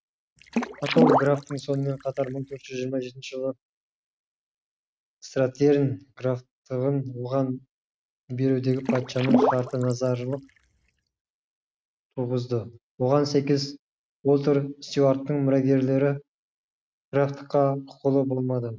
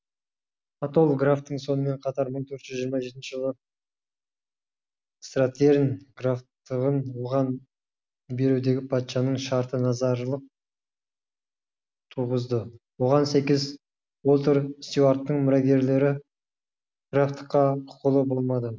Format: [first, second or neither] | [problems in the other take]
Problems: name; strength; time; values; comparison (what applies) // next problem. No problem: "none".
second | noise reduction (neural mask model RNNoise)